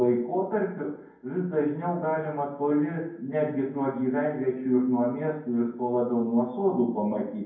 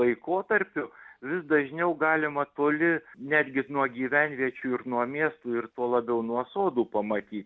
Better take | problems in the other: second | room echo; dies away in 0.9 s

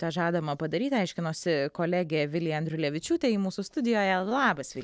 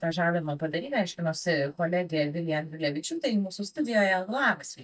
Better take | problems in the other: first | noise reduction (neural mask model DeepFilterNet 3)

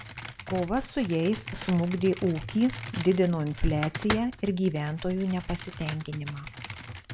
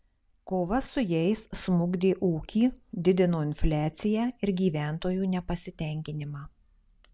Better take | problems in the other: second | background sound (Computer keyboard); 11 dB below the speech

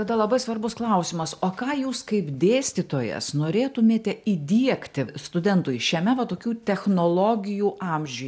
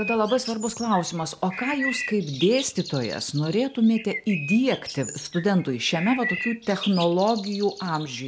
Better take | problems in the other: first | background sound (Bird); 11 dB below the speech

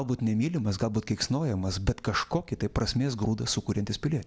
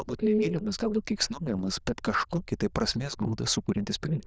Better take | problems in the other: first | noise reduction (neural diffusion model UNIVERSE++)

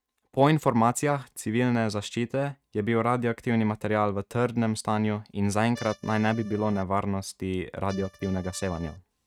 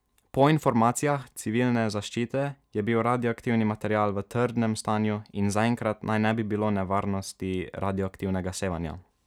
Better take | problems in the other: second | noise reduction (neural mask model RNNoise)

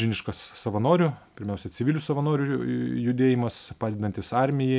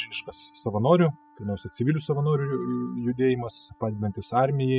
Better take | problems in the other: first | noise reduction (classical method spectral subtraction)

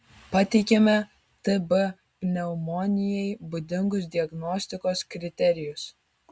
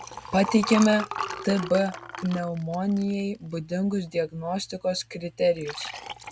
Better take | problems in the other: first | background sound (Liquid); 11 dB below the speech

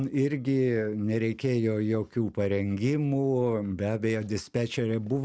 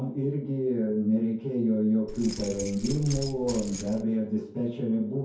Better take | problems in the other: first | background sound (Keys jangling); 11 dB below the speech // room echo; dies away in 0.6 s

